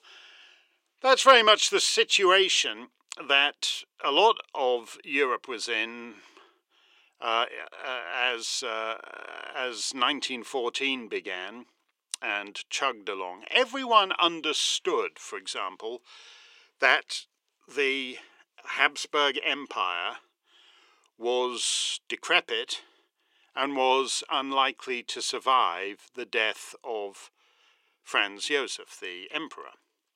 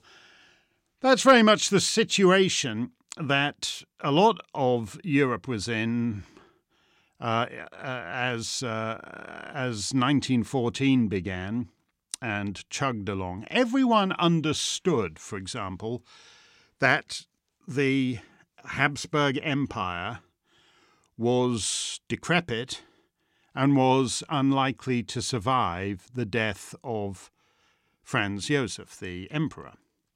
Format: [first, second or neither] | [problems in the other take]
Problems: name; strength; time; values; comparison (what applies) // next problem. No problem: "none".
second | thin; very; fading below 400 Hz